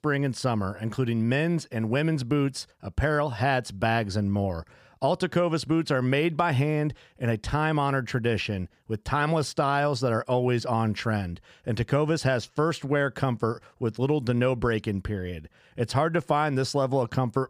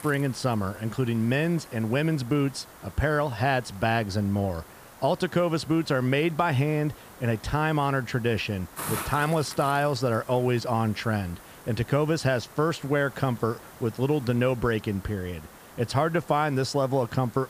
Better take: first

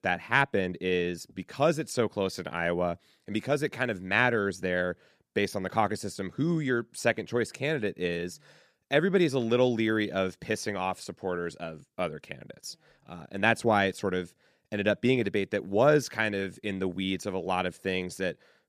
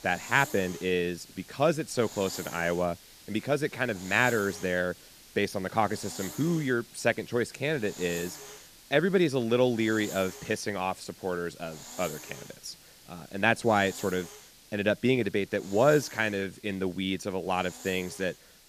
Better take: first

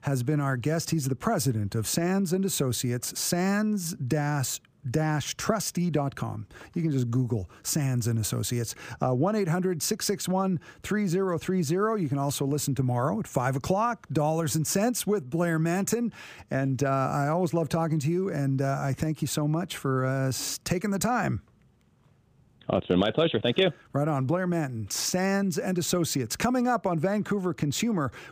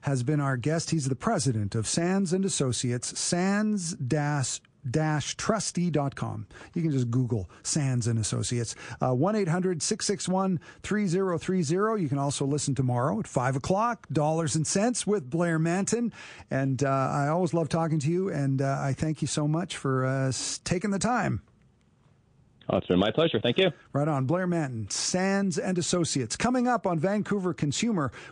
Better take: first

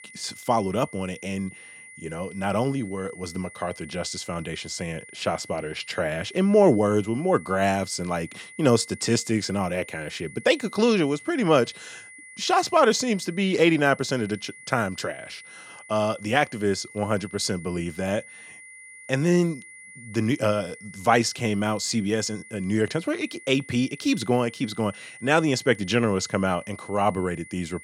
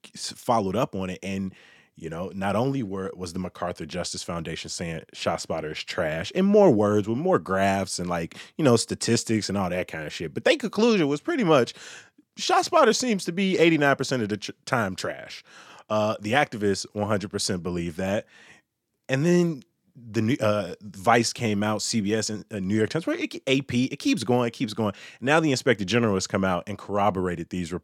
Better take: second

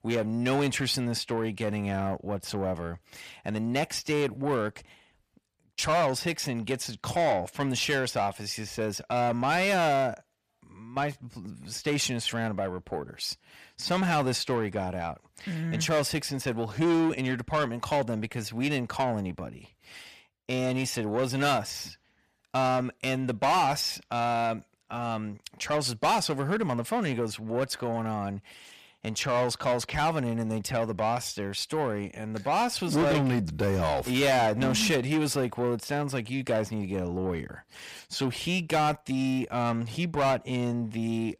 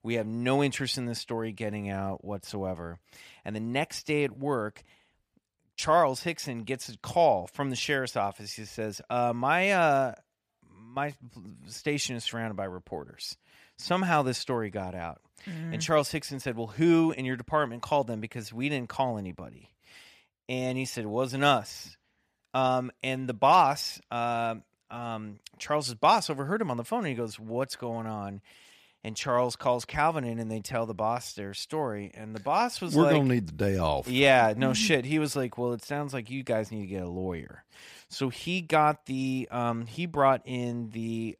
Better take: second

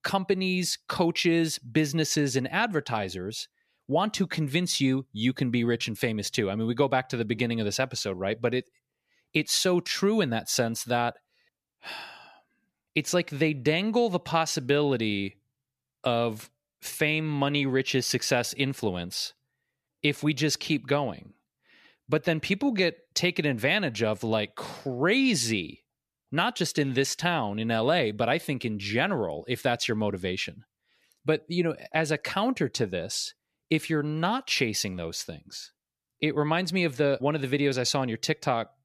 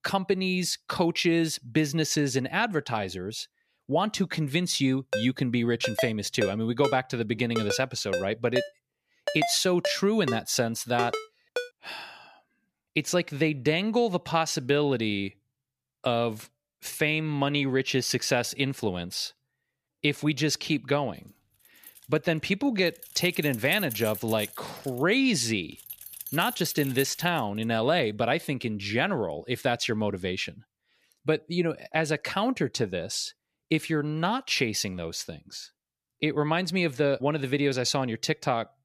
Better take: first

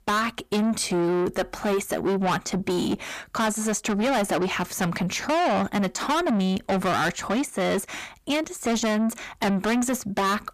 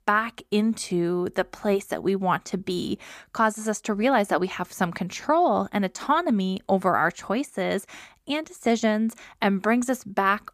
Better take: second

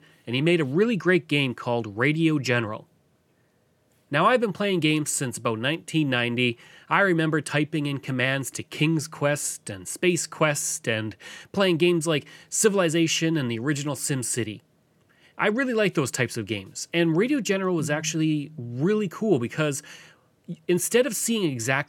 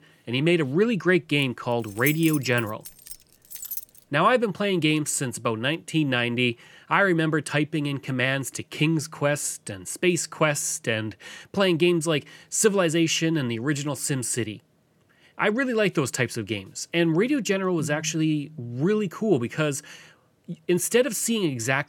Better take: first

